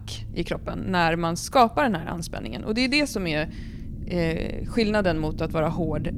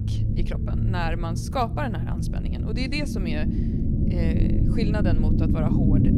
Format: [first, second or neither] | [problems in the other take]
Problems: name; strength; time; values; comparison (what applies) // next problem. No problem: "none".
first | low rumble; loud; throughout; 2 dB below the speech; faint in the first